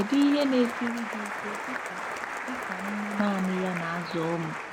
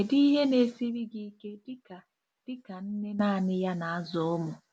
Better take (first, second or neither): second